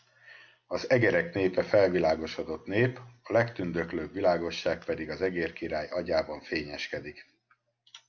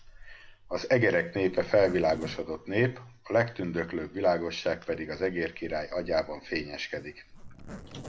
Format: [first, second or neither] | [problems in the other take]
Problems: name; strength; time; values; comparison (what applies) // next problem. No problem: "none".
first | background sound (Zipper (clothing)); 18 dB below the speech